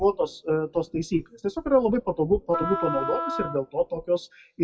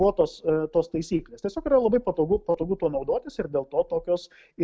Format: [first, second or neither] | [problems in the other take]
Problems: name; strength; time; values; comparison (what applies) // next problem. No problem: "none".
second | noise reduction (classical method WPE with log-MMSE)